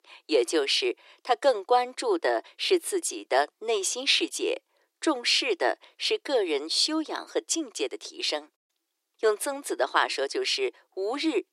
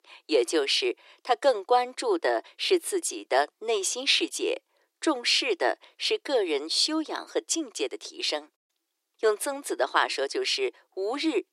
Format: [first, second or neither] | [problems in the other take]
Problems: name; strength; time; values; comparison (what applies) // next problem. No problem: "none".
neither | thin; very; fading below 350 Hz; the same in both